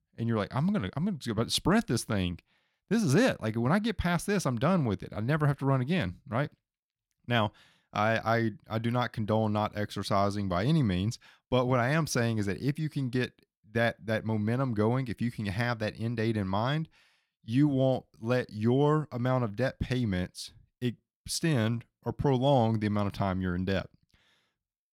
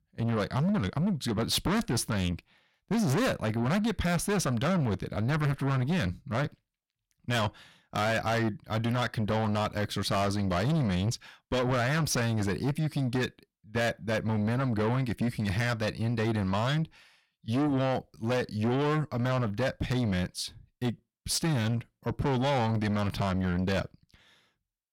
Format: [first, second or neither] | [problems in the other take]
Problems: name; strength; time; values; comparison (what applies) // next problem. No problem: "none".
first | distortion; heavy; 6 dB below the speech